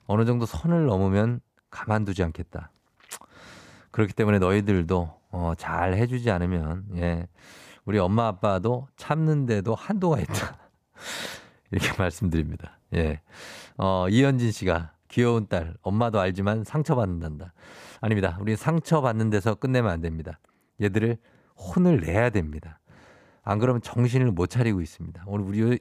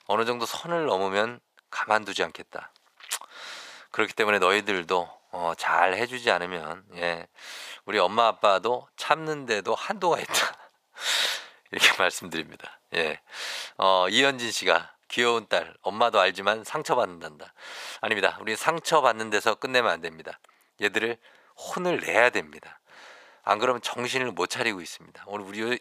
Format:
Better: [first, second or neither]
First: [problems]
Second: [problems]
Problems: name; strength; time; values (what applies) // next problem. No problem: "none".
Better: first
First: none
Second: thin; very; fading below 650 Hz